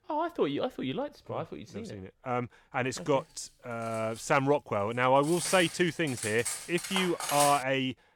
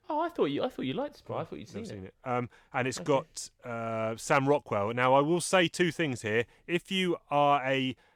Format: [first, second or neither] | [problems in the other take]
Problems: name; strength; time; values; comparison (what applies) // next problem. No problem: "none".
second | clattering dishes; noticeable; from 5.5 to 7.5 s; peak level with the speech